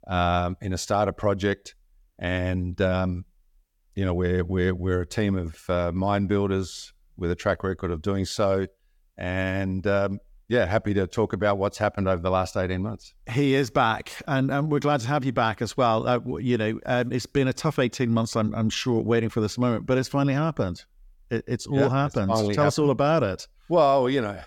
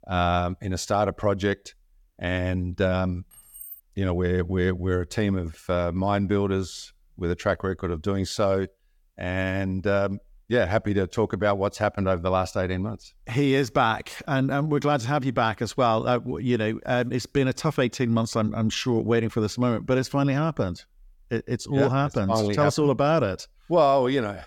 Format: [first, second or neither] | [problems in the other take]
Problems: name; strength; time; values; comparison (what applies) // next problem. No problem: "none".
first | jangling keys; faint; at 3.5 s; peak 15 dB below the speech